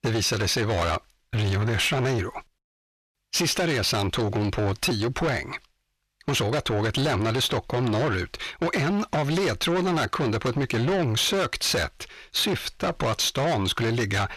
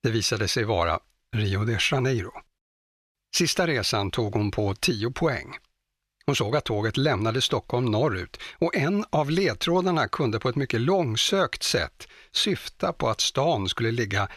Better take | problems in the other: second | distortion; heavy; 7 dB below the speech

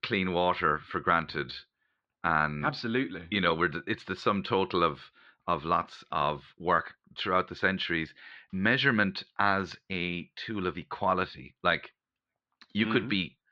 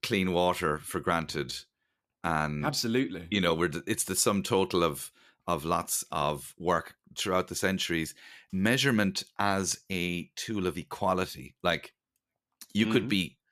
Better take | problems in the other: second | muffled; slightly; fading above 4 kHz

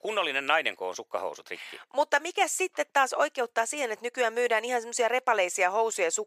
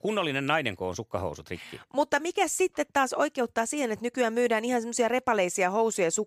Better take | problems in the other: second | thin; somewhat; fading below 550 Hz

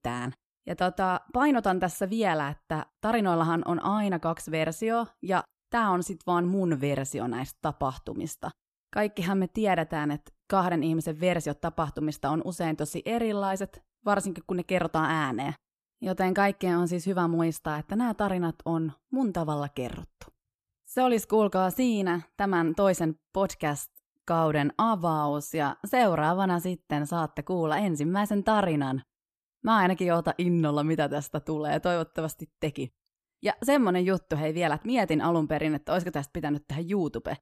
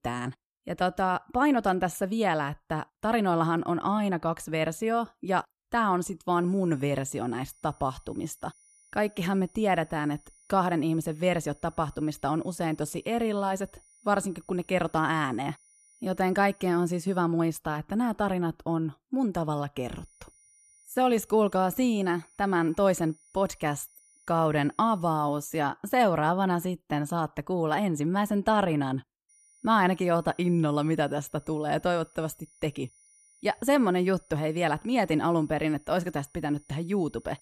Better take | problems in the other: first | high-pitched whine; faint; from 6.5 to 17 s, from 20 to 26 s and from 29 s on; 9.5 kHz, 30 dB below the speech

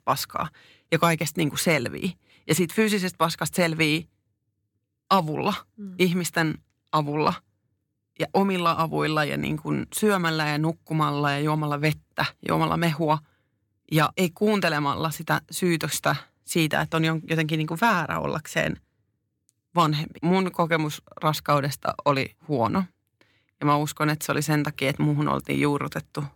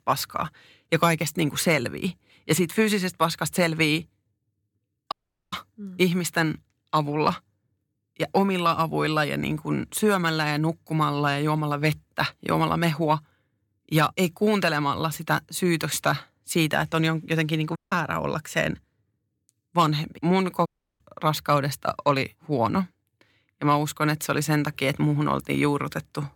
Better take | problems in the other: first | audio cutting out; at 5 s, at 18 s and at 21 s

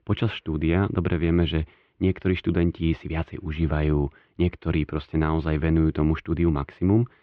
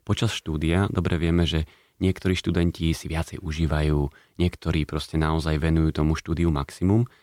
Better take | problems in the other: second | muffled; very; fading above 3 kHz

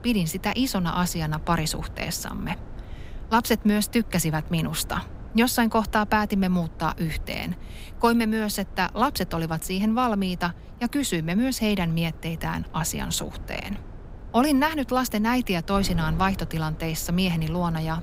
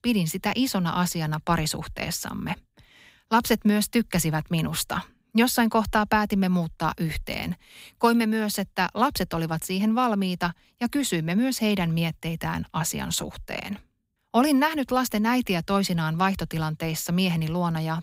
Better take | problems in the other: second | wind noise on the microphone; occasional gusts; 25 dB below the speech

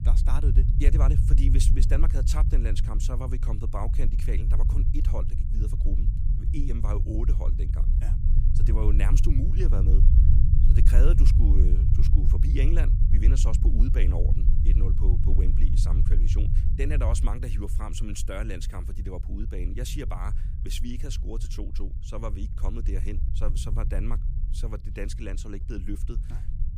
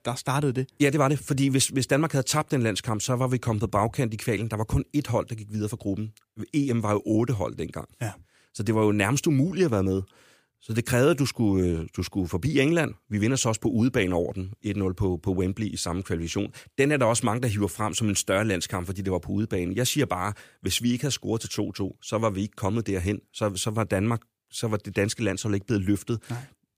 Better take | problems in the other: second | low rumble; loud; throughout; 4 dB below the speech

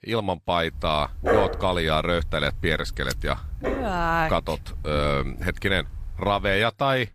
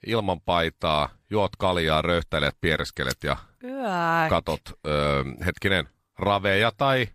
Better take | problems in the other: second | dog barking; loud; from 0.5 to 6.5 s; peak 2 dB above the speech

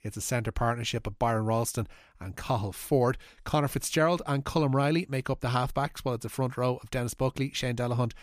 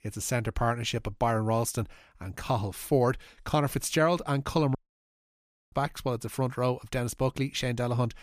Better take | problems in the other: first | audio cutting out; at 5 s for 1 s

